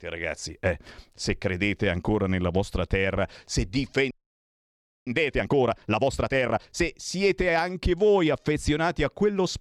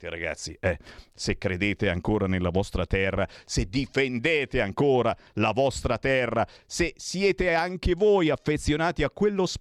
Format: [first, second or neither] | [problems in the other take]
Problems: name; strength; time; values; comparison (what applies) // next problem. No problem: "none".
second | audio freezing; at 4 s for 1 s